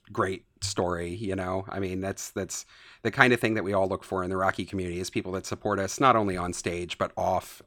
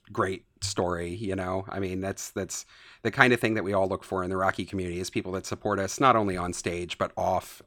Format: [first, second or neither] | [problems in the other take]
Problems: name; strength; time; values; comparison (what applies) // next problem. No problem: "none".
neither | none